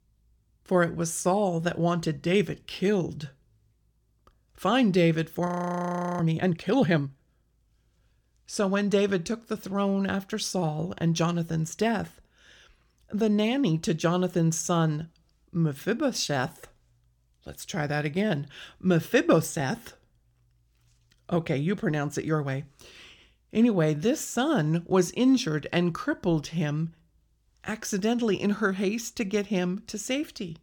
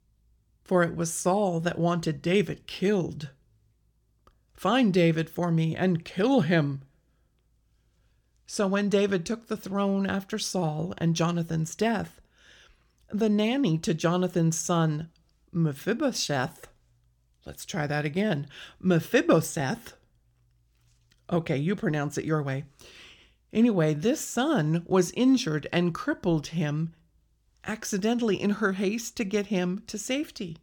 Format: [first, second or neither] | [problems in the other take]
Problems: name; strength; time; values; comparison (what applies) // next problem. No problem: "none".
second | audio freezing; at 5.5 s for 0.5 s